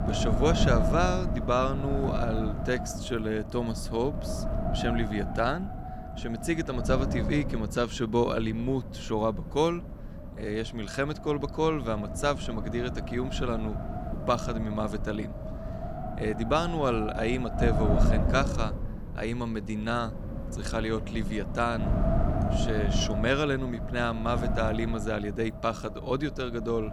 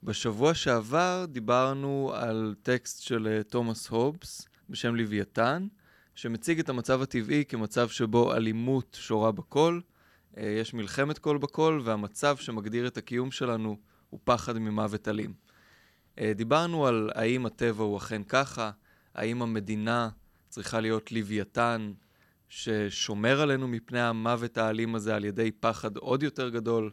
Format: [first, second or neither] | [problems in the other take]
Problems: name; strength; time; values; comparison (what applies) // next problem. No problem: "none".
second | wind noise on the microphone; heavy; 7 dB below the speech